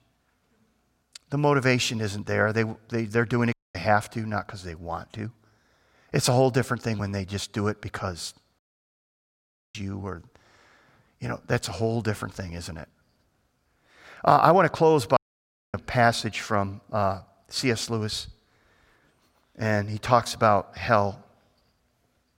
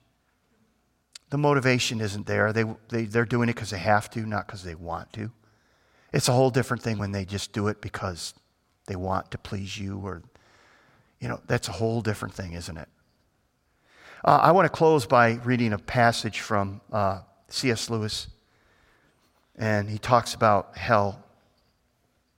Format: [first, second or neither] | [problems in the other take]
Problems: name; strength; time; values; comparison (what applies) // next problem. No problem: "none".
second | audio cutting out; at 3.5 s, at 8.5 s for 1 s and at 15 s for 0.5 s